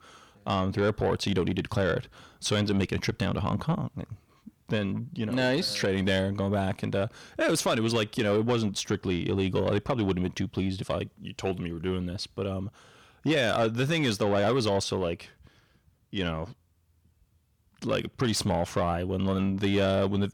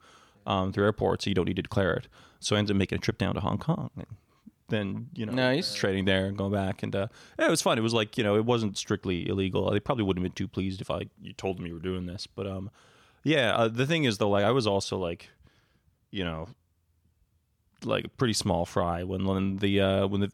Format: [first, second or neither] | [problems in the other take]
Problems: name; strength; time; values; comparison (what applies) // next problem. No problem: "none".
second | distortion; slight; 10 dB below the speech